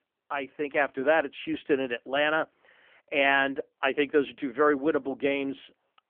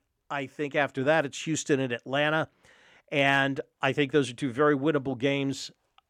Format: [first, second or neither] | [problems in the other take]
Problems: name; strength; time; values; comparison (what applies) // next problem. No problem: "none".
second | phone-call audio; nothing above 3 kHz